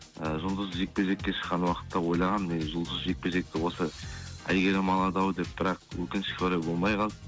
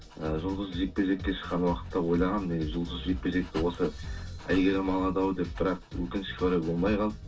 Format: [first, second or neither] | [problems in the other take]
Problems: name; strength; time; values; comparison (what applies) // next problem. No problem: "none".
first | background sound (Dog); 18 dB below the speech // room echo; dies away in 0.2 s